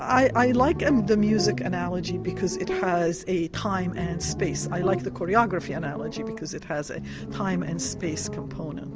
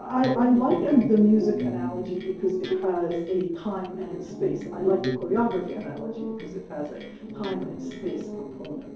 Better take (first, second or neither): first